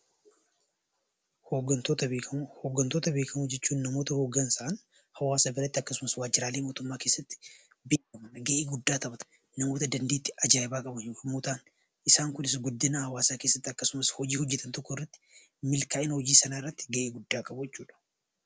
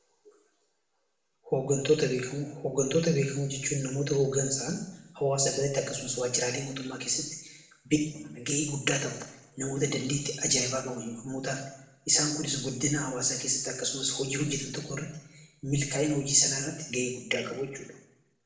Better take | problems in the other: first | room echo; dies away in 0.8 s

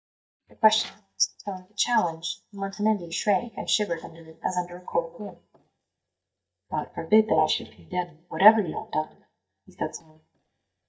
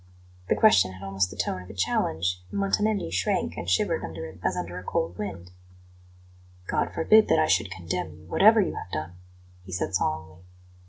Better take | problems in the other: second | noise reduction (neural mask model DeepFilterNet 3)

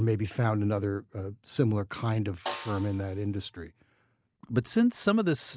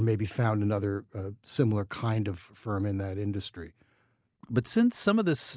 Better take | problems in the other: second | background sound (Snare drum); 15 dB below the speech

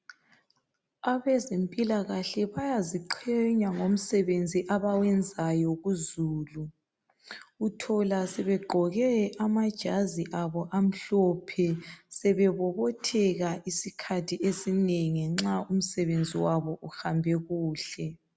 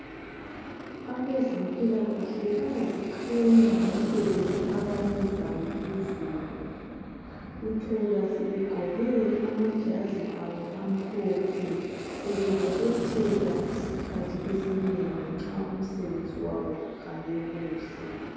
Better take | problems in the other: first | background sound (Aircraft); 8 dB below the speech // room echo; dies away in 2.2 s

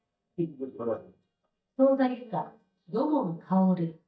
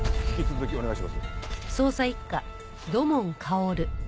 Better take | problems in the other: second | noise reduction (neural mask model DeepFilterNet 3)

